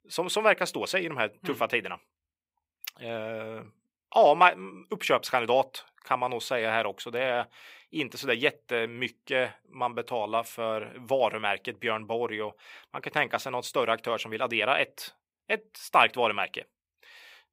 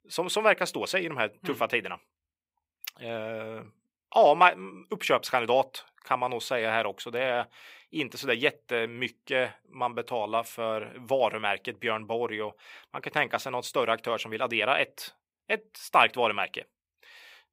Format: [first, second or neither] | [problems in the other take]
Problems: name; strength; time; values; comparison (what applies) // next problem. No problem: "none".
neither | thin; somewhat; fading below 1 kHz; the same in both